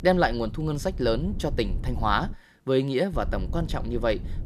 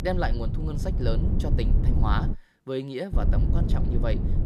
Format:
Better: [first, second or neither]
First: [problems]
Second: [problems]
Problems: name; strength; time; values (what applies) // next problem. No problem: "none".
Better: first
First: low rumble; faint; until 2.5 s and from 3 s on; 20 dB below the speech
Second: low rumble; loud; until 2.5 s and from 3 s on; 5 dB below the speech